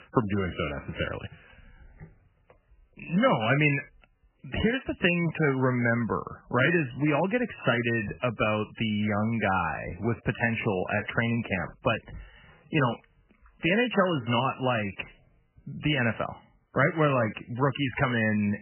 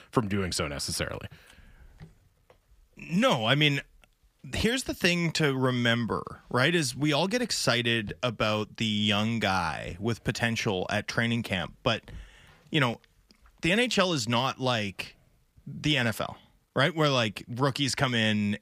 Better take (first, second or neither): second